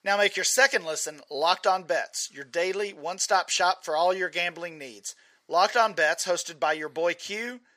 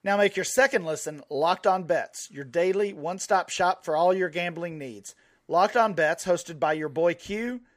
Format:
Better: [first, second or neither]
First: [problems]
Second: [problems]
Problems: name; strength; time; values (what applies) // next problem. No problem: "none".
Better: second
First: thin; somewhat; fading below 950 Hz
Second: none